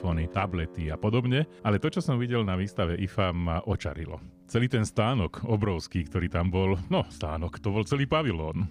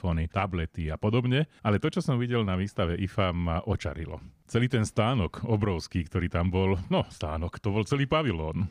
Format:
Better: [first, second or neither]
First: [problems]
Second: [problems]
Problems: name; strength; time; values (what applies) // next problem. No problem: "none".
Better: second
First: background music; faint; throughout; 20 dB below the speech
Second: none